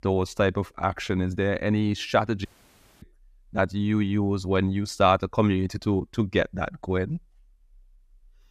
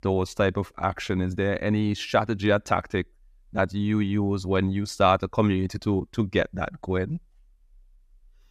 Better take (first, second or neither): second